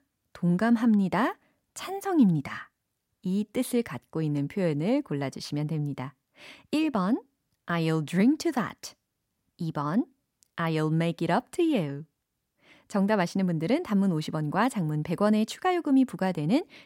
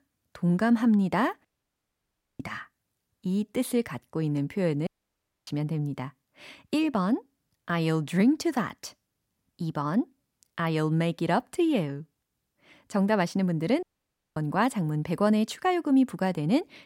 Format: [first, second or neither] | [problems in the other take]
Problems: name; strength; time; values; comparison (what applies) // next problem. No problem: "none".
first | audio cutting out; at 1.5 s for 1 s, at 5 s for 0.5 s and at 14 s for 0.5 s